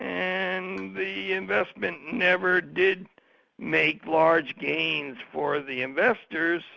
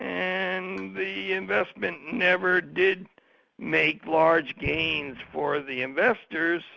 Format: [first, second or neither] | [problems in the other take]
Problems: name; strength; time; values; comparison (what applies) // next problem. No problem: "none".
first | background sound (Explosion); 16 dB below the speech